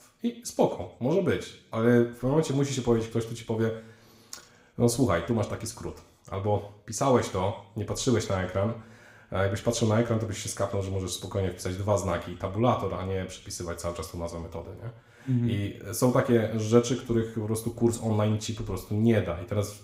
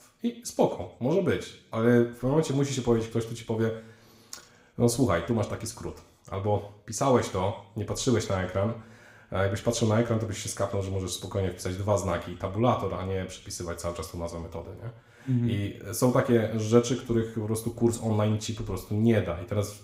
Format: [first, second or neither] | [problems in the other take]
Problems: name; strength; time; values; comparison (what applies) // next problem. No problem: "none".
neither | room echo; very slight; dies away in 0.5 s; the same in both